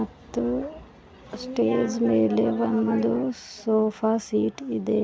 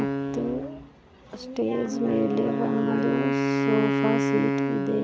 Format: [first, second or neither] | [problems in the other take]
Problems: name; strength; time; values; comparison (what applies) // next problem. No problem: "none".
first | background sound (Wind instrument, woodwind instrument); 1 dB above the speech